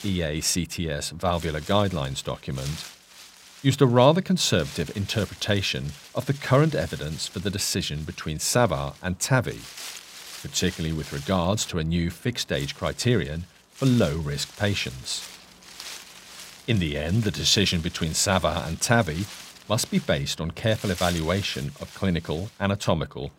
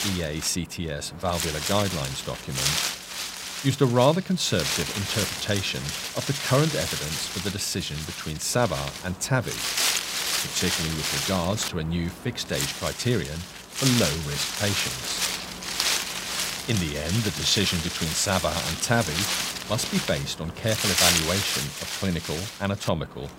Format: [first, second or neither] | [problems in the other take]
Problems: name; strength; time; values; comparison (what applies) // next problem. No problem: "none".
first | wind noise on the microphone; heavy; 1 dB above the speech; occasional gusts in the first